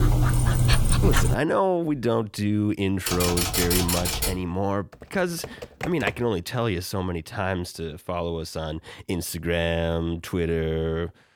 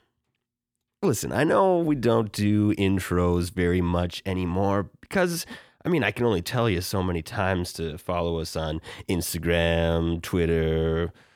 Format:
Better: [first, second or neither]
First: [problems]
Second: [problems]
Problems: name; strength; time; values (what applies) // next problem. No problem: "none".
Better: second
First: dog barking; loud; until 1.5 s; peak 5 dB above the speech // keyboard typing; loud; from 3 to 4.5 s; peak 4 dB above the speech // keyboard typing; noticeable; from 5 to 6 s; peak 6 dB below the speech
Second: none